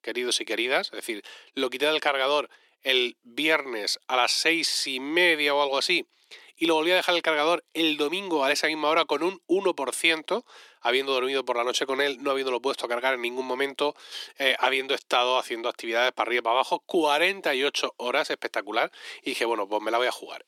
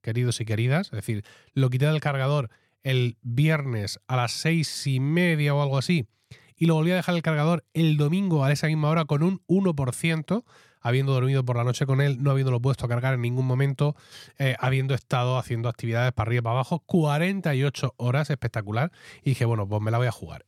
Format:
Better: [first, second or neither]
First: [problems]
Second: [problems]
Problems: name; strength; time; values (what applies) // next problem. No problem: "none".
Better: second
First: thin; very; fading below 300 Hz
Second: none